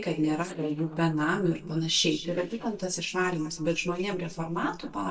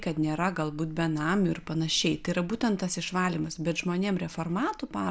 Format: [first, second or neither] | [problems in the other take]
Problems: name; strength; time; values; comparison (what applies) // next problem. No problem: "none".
second | noise reduction (neural mask model DeepFilterNet 3)